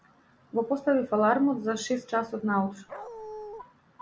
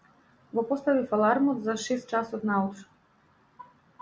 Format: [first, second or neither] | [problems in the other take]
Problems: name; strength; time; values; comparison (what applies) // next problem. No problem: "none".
second | background sound (Dog); 12 dB below the speech